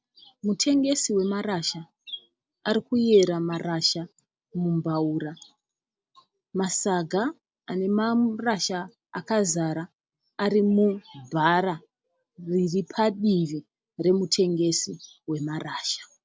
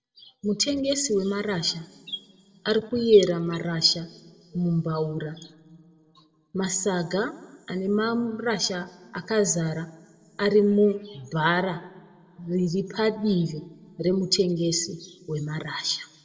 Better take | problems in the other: first | room echo; dies away in 0.5 s

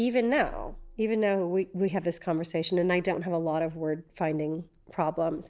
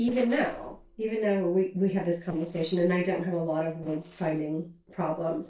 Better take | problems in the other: first | noise reduction (neural separator model SepFormer DNS4)

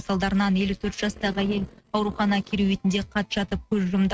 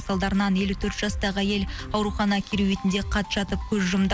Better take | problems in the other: second | noise reduction (neural mask model RNNoise)

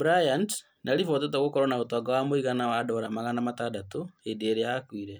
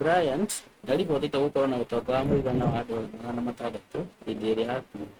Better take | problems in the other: first | noise reduction (neural mask model RNNoise)

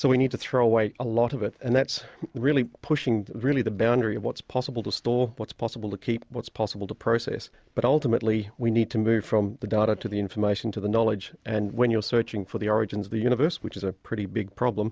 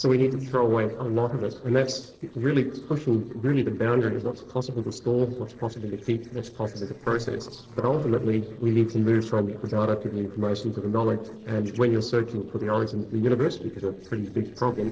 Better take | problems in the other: first | noise reduction (neural separator model SepFormer DNS4)

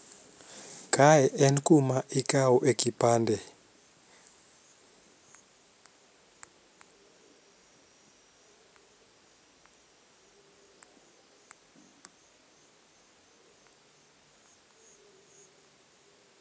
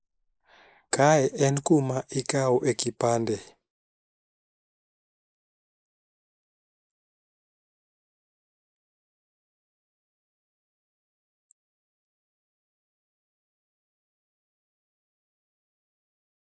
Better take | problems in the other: first | noise reduction (neural mask model Resemble Enhance denoiser)

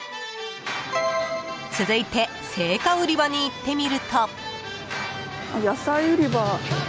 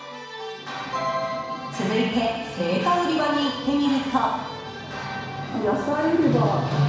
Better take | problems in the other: first | room echo; dies away in 1.1 s

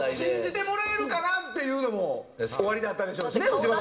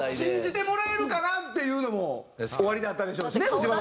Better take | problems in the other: second | room echo; dies away in 1.1 s

